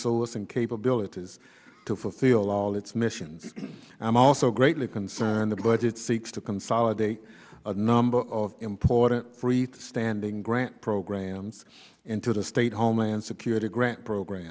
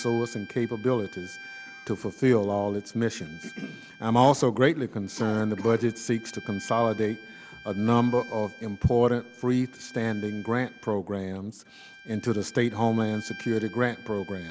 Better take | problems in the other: first | background sound (Bowed string instrument); 20 dB below the speech

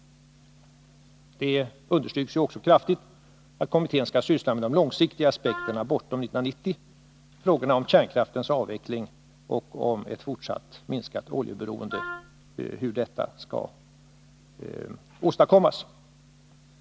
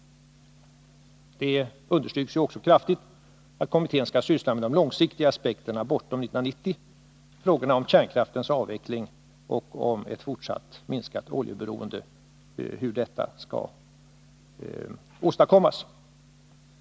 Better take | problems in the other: second | background sound (Wind instrument, woodwind instrument); 11 dB below the speech

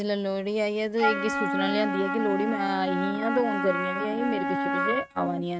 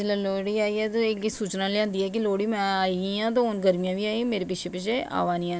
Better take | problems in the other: second | noise reduction (neural mask model RNNoise)

